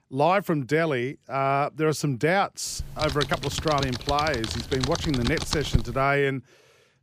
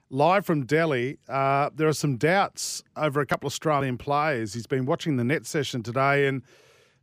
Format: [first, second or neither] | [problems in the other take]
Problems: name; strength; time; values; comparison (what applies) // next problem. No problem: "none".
second | keyboard typing; noticeable; from 3 to 6 s; peak 2 dB below the speech